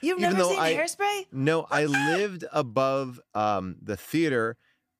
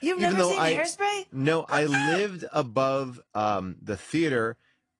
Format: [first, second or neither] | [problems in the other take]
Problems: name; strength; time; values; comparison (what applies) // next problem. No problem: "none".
first | garbled, watery; slightly; nothing above 10 kHz